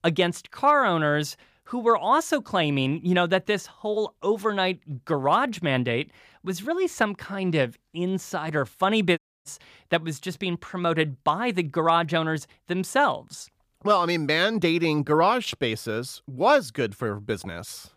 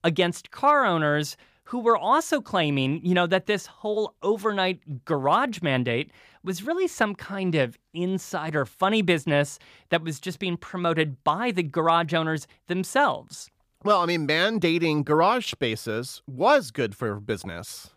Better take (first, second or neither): second